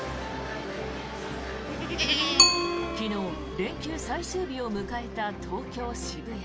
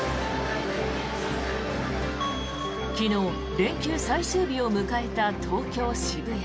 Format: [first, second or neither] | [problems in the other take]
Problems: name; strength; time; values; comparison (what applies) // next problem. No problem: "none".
second | background sound (Bicycle + Livestock, farm animals, working animals); 4 dB above the speech